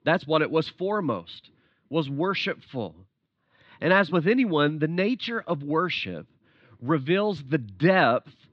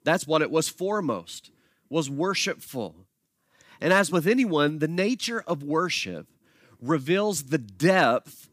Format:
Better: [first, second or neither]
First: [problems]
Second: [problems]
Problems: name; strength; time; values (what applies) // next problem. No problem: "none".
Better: second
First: muffled; slightly; fading above 4 kHz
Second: none